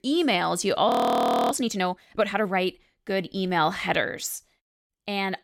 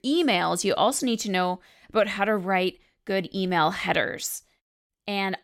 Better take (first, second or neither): second